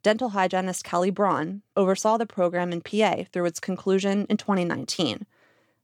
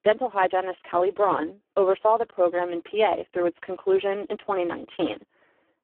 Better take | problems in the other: first | phone-call audio; poor line

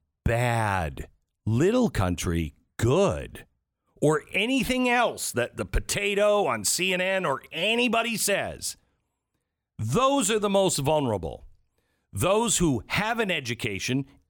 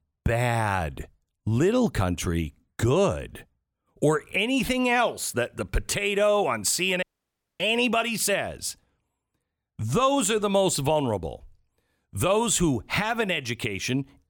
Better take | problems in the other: first | audio cutting out; at 7 s for 0.5 s

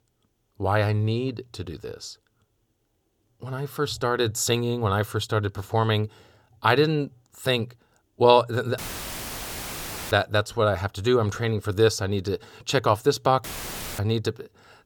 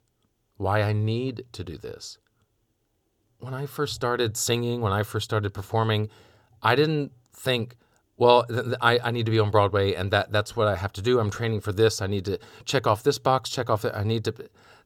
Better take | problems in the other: second | audio cutting out; filled with static; at 9 s for 1.5 s and at 13 s for 0.5 s

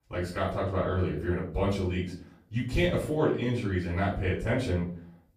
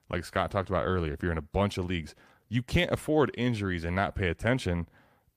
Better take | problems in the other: second | room echo; slight; dies away in 0.4 s // off-mic speech; far

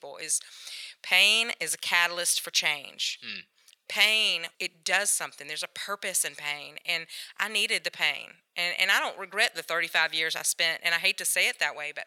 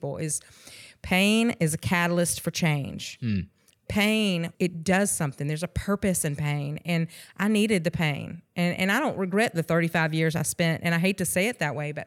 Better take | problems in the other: second | thin; very; fading below 900 Hz

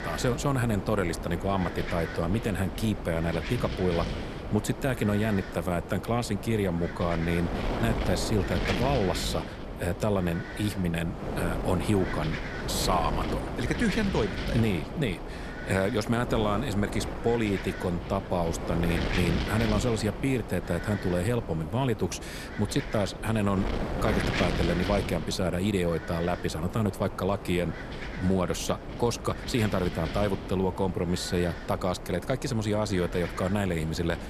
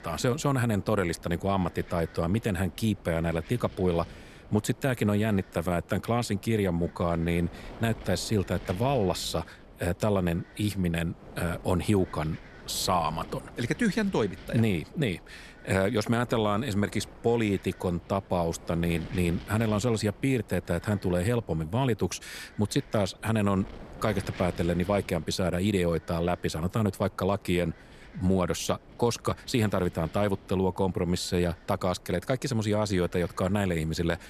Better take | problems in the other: second | wind noise on the microphone; heavy; 6 dB below the speech; occasional gusts in the second

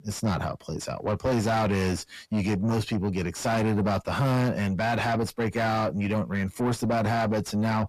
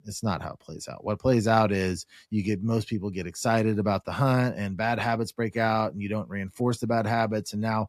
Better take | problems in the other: second | distortion; heavy; 6 dB below the speech

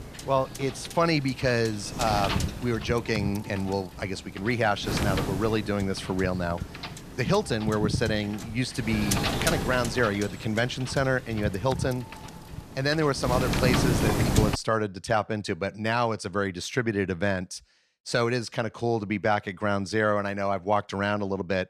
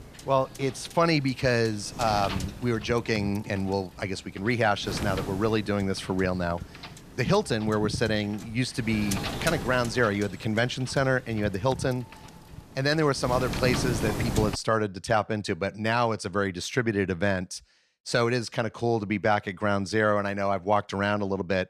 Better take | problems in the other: second | wind noise on the microphone; heavy; until 15 s; 6 dB below the speech; occasional gusts in the second

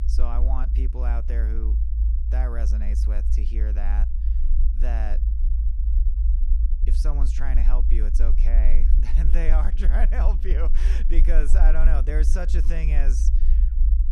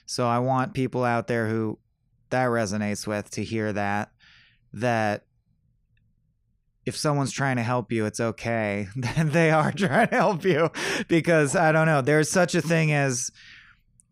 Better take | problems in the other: second | low rumble; loud; throughout; 8 dB below the speech

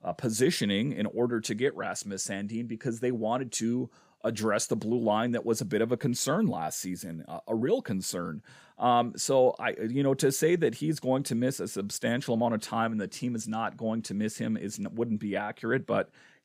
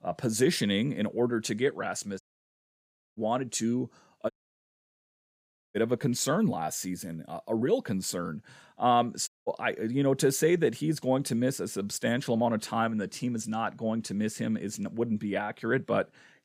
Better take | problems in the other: first | audio cutting out; at 2 s for 1 s, at 4.5 s for 1.5 s and at 9.5 s

